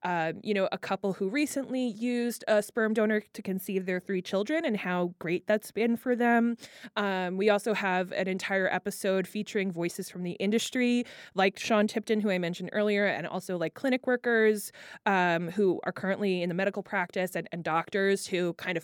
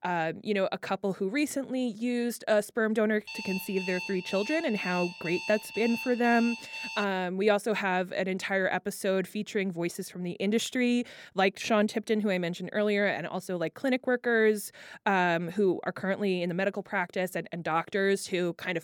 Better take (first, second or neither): first